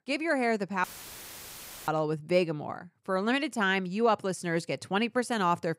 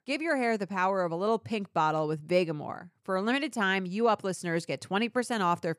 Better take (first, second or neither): second